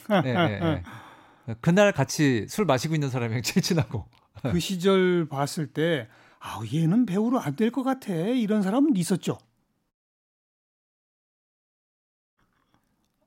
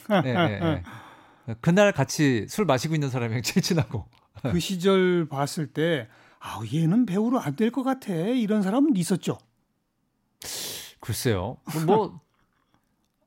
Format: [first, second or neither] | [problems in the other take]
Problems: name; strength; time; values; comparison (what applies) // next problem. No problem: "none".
second | audio cutting out; at 10 s for 2.5 s